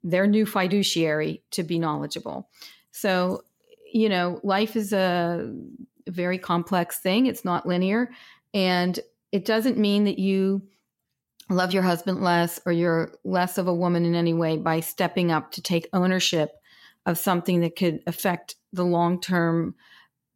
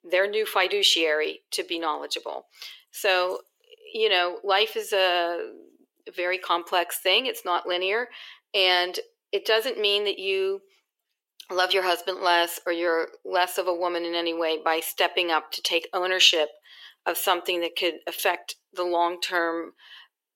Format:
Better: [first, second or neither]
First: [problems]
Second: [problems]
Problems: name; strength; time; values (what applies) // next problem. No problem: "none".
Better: first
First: none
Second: thin; very; fading below 400 Hz